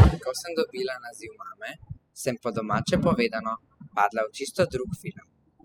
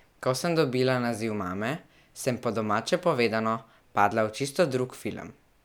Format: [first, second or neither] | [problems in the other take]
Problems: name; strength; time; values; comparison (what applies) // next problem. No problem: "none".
second | noise reduction (classical method spectral subtraction)